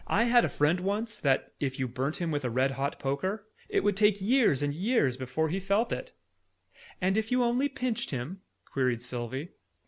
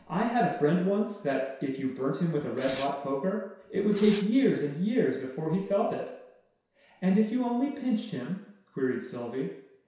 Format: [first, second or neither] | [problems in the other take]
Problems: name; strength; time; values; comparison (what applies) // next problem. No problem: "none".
first | background sound (Fireworks); 18 dB below the speech // room echo; dies away in 0.7 s